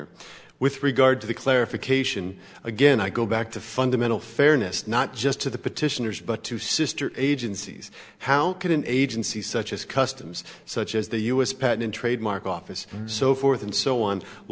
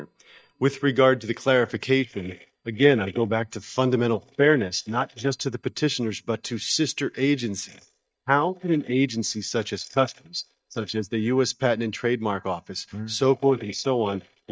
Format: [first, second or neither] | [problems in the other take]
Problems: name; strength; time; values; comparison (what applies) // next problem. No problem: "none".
first | noise reduction (neural mask model DeepFilterNet 3)